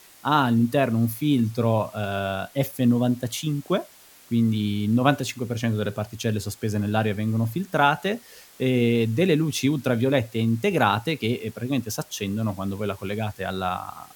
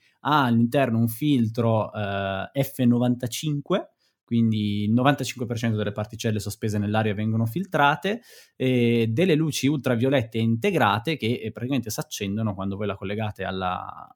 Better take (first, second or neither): second